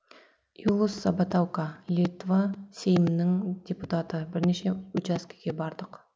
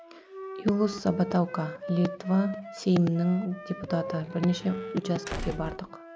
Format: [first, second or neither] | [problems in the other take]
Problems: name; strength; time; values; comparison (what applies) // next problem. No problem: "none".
first | background sound (Squeak / Slam / Wood + Wind instrument, woodwind instrument); 11 dB below the speech